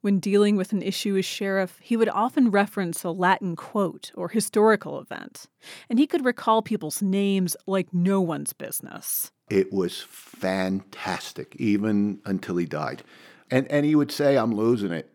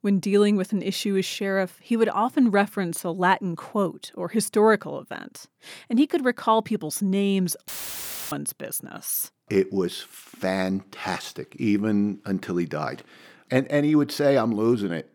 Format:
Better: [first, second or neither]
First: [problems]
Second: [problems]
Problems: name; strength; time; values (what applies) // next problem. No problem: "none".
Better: first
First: none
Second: audio cutting out; filled with static; at 7.5 s for 0.5 s